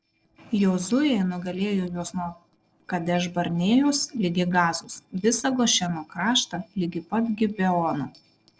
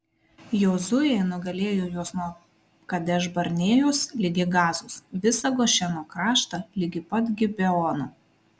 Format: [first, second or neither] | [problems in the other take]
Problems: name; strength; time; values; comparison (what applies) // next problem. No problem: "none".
second | noise reduction (neural separator model SepFormer DNS4)